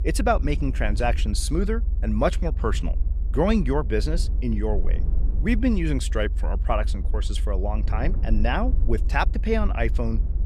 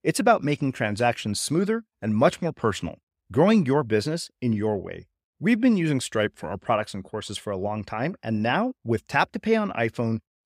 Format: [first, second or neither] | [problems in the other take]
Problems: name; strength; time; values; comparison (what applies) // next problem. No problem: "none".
second | low rumble; noticeable; throughout; 20 dB below the speech